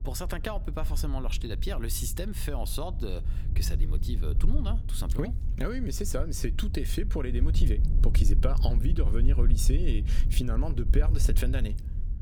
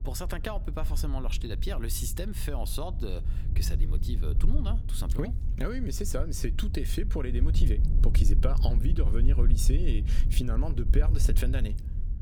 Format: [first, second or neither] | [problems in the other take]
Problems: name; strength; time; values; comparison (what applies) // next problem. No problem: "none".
first | wind noise on the microphone; heavy; 9 dB below the speech; occasional gusts in the first